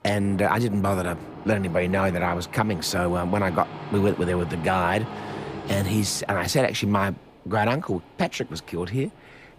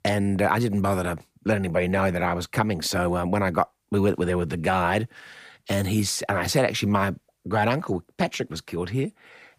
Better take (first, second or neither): second